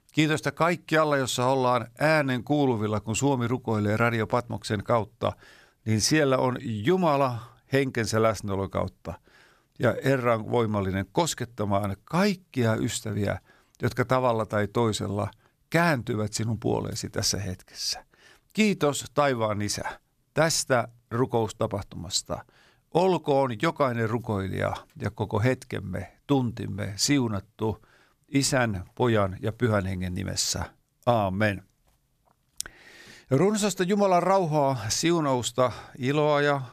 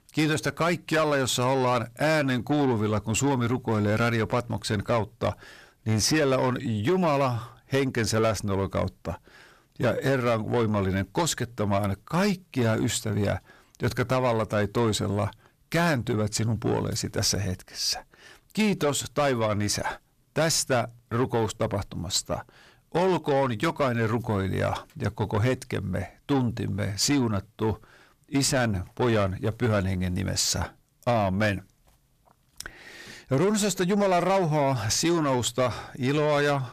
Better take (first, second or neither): first